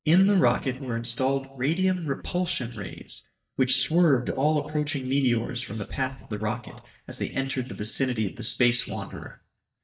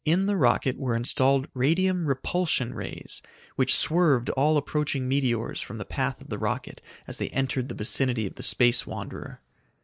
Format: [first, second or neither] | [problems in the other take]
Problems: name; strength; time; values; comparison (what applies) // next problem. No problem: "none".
second | noise reduction (neural mask model DeepFilterNet 3)